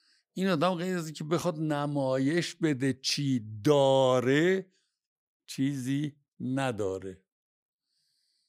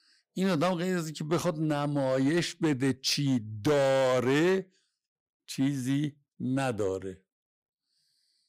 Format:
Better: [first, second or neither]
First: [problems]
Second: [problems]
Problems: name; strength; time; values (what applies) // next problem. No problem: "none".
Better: first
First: none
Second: distortion; slight; 6% of the sound clipped